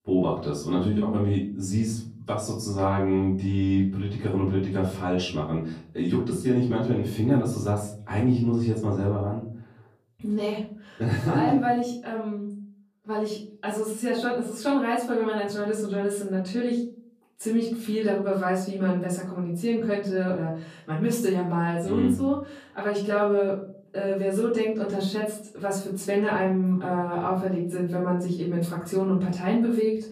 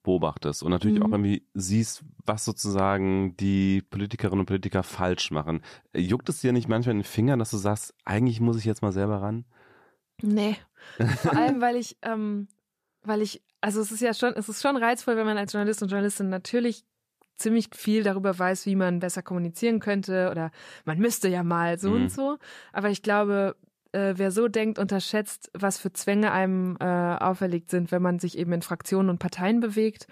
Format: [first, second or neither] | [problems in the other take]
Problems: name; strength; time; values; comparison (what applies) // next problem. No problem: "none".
second | off-mic speech; far // room echo; noticeable; dies away in 0.6 s